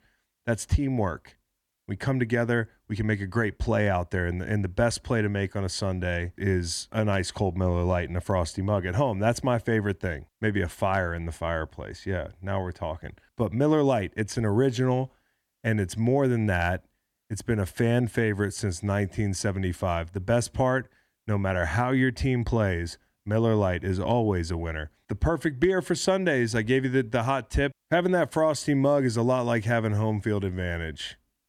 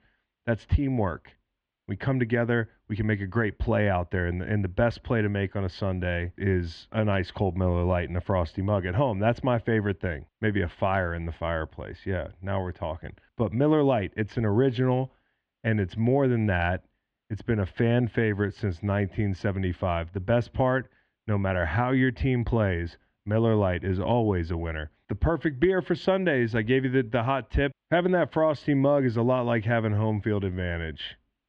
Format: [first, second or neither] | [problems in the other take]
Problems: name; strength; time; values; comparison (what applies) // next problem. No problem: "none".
first | muffled; slightly; fading above 3 kHz